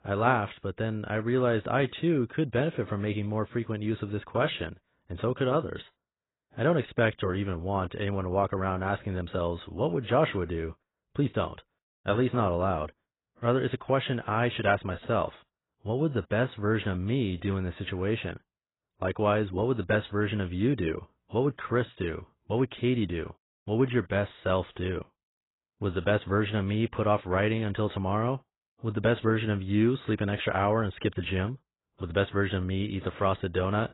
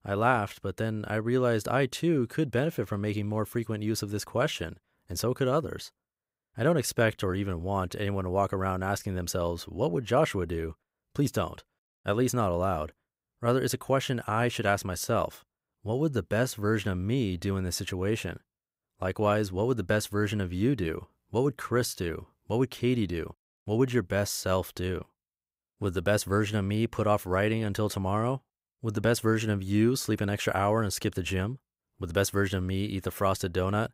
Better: second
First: garbled, watery; badly; nothing above 4 kHz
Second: none

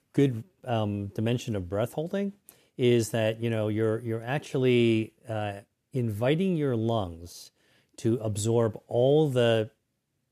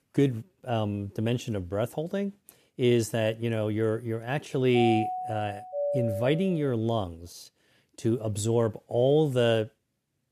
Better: first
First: none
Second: doorbell; noticeable; from 5 to 6.5 s; peak 2 dB below the speech

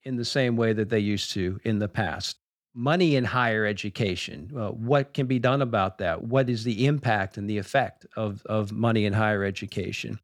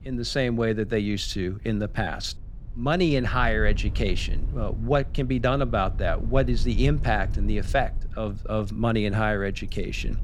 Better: first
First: none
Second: low rumble; faint; throughout; 25 dB below the speech

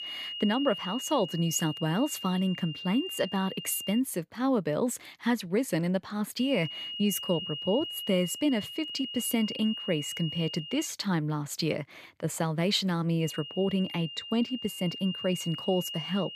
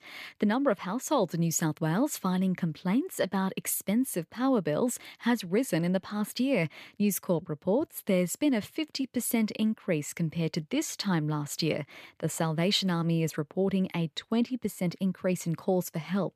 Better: second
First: high-pitched whine; loud; until 4 s, from 6.5 to 11 s and from 13 s on; 3 kHz, 7 dB below the speech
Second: none

